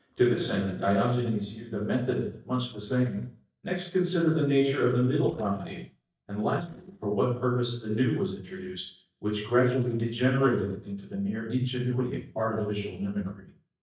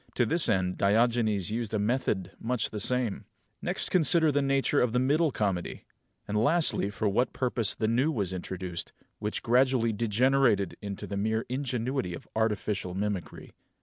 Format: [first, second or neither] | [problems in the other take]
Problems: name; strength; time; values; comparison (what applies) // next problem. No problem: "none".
second | noise reduction (neural mask model DeepFilterNet 3)